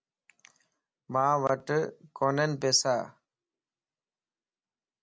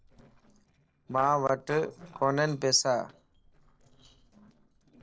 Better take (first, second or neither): first